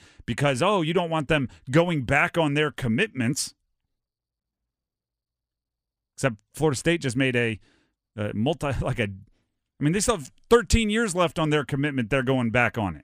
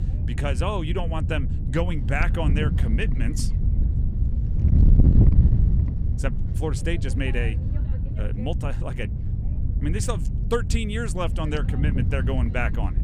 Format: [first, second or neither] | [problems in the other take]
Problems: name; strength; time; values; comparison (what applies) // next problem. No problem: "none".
first | wind noise on the microphone; heavy; 7 dB below the speech